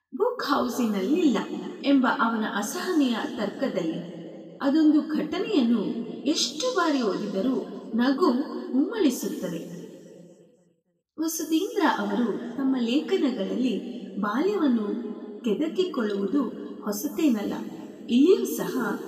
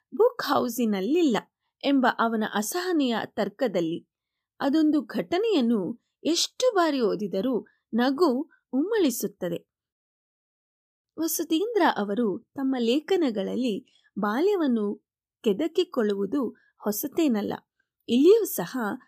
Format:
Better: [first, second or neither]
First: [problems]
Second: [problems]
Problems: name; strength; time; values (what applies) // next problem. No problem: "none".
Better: second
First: room echo; noticeable; dies away in 2.4 s // off-mic speech; somewhat distant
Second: none